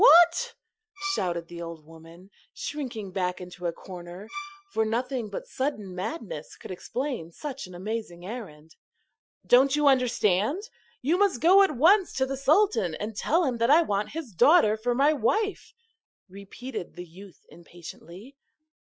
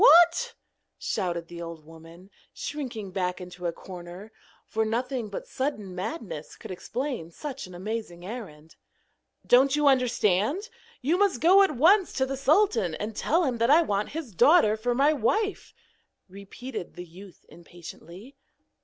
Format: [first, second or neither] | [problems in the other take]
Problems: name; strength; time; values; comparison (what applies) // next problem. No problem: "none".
second | noise reduction (classical method Wiener filter)